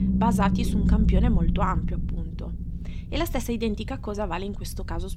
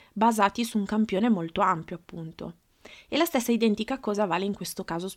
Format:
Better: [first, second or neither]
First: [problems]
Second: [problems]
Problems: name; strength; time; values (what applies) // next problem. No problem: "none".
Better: second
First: low rumble; loud; throughout; 6 dB below the speech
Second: none